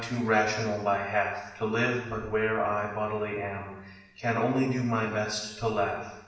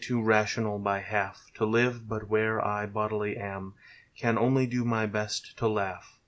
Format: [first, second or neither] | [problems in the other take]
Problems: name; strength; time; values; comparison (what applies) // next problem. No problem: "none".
second | room echo; dies away in 1 s